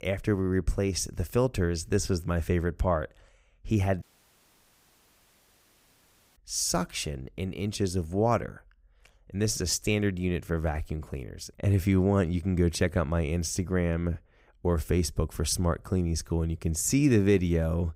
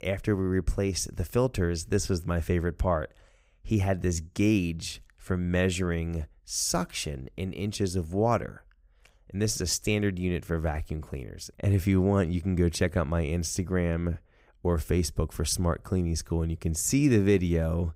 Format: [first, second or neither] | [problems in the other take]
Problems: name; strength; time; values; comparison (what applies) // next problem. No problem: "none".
second | audio cutting out; at 4 s for 2.5 s